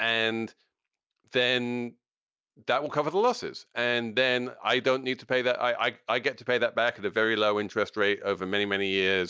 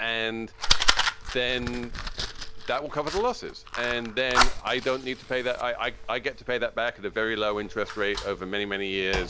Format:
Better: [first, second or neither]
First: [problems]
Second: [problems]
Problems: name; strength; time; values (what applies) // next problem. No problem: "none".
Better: first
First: none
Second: background sound (Fire); as loud as the speech